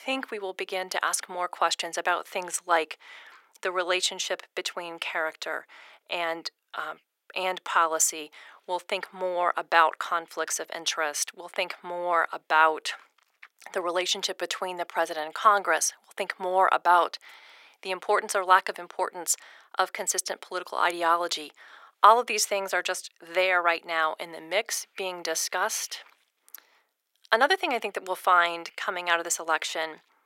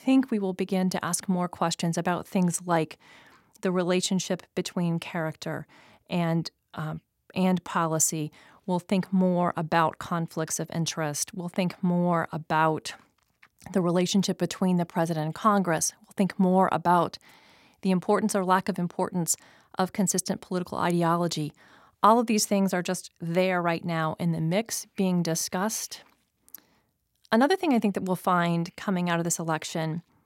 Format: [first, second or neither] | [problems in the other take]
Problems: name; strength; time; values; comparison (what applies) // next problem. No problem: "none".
second | thin; very; fading below 400 Hz